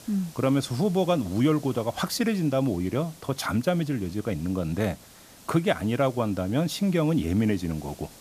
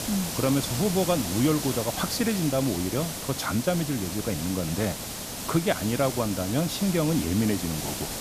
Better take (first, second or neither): first